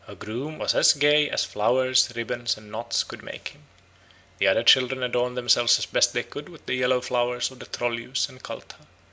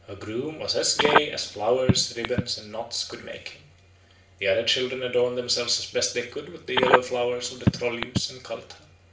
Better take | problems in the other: first | background sound (Telephone); 2 dB above the speech // room echo; dies away in 0.4 s

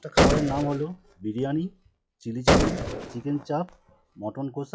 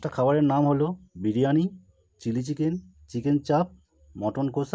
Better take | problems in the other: second | noise reduction (classical method log-MMSE)

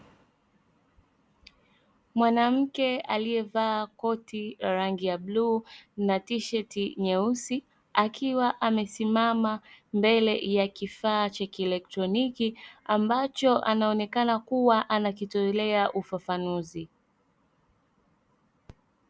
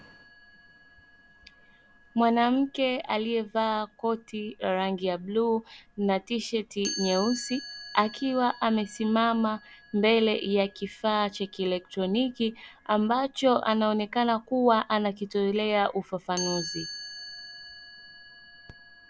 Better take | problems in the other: first | background sound (Chime); 17 dB below the speech

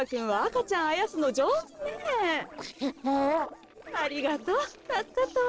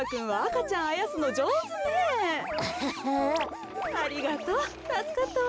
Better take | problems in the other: second | noise reduction (neural separator model SepFormer DNS4)

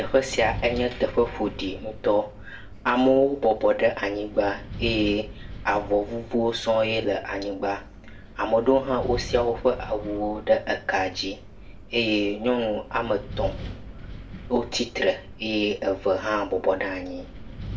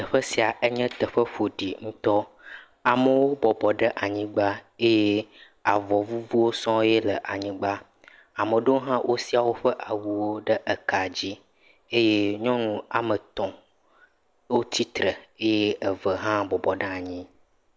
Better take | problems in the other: second | background sound (Wind); 14 dB below the speech // room echo; dies away in 0.3 s

